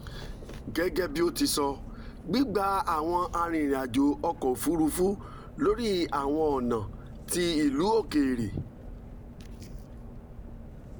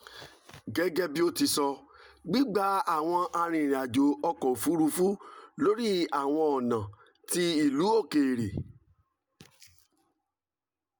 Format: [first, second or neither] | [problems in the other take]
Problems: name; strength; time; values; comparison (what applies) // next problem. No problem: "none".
second | background sound (Engine + Train); 13 dB below the speech